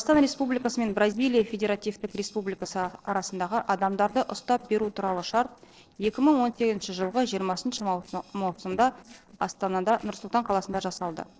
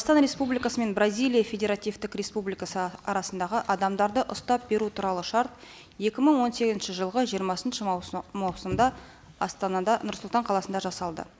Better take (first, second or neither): second